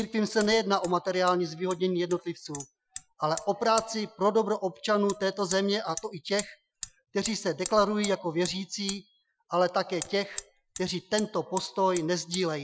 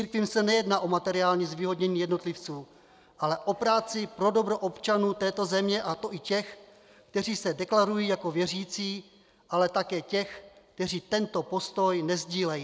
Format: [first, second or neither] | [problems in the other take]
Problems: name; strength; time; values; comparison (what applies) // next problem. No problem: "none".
second | noise reduction (classical method Wiener filter)